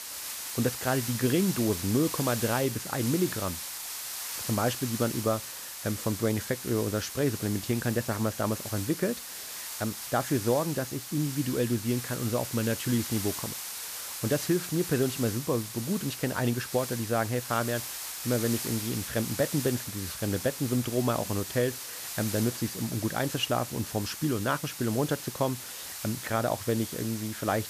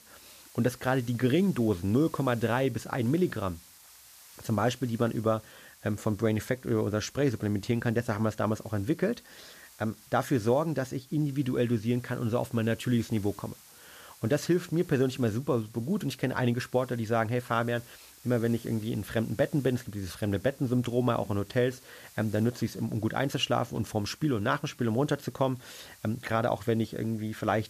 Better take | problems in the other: second | hiss; loud; throughout; 6 dB below the speech; faint in the second

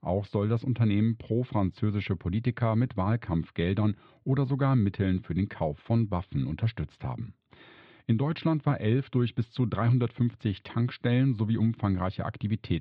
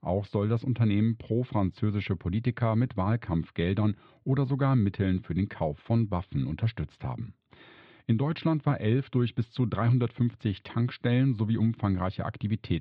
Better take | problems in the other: neither | muffled; slightly; fading above 4 kHz; the same in both

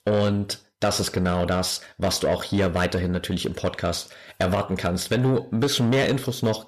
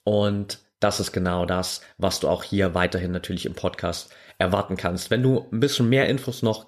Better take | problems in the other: second | distortion; slight; 10 dB below the speech

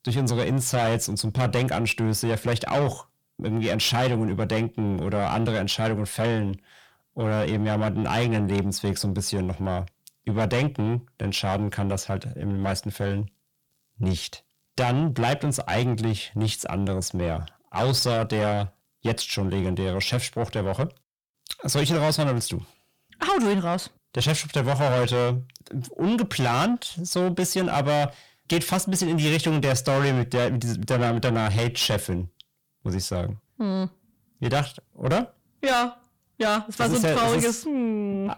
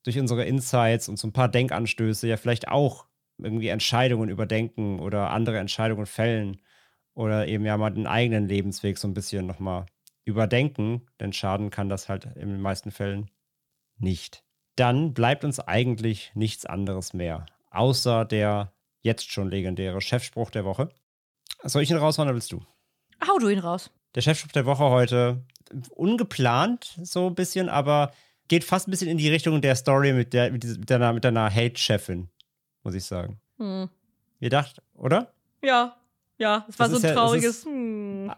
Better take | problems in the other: second | distortion; heavy; 7 dB below the speech

